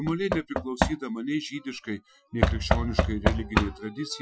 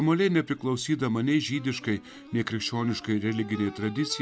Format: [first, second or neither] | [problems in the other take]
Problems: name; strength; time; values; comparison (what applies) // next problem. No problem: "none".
second | noise reduction (classical method Wiener filter)